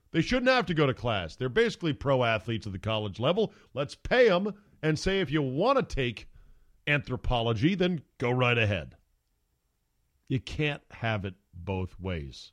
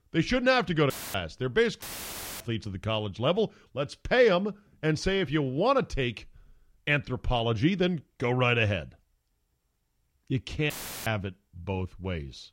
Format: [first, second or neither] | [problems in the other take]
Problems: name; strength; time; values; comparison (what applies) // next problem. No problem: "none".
first | audio cutting out; filled with static; at 1 s, at 2 s for 0.5 s and at 11 s